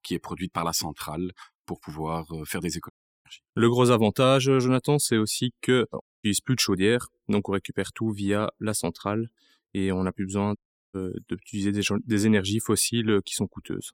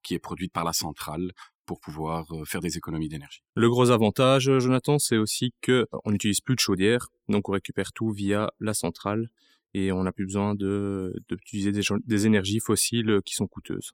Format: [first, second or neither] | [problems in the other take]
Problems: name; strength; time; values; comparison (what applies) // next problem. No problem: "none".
second | audio cutting out; at 3 s, at 6 s and at 11 s